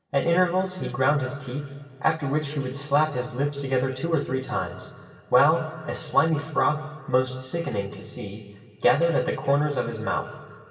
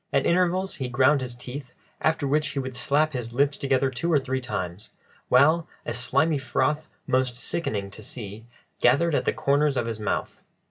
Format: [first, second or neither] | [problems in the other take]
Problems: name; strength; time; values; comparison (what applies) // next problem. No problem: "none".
second | room echo; dies away in 1.9 s